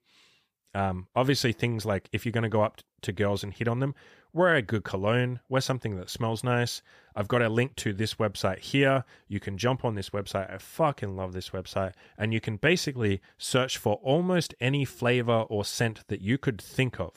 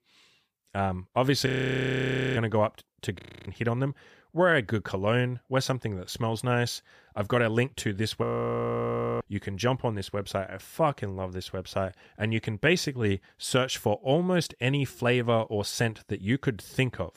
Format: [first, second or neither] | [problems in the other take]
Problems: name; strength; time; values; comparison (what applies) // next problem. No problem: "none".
first | audio freezing; at 1.5 s for 1 s, at 3 s and at 8 s for 1 s